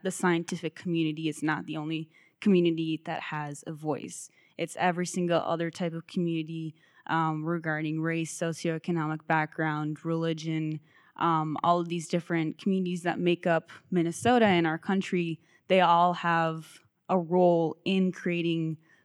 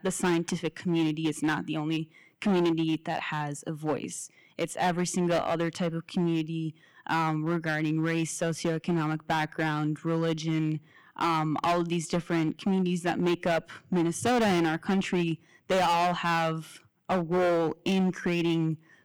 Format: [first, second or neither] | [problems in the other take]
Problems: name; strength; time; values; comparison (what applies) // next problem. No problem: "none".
first | distortion; heavy; 12% of the sound clipped